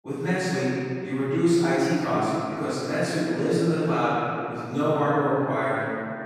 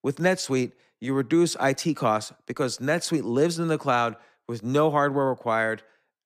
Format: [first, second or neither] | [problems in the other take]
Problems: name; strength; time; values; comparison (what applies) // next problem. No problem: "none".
second | off-mic speech; far // room echo; strong; dies away in 2.6 s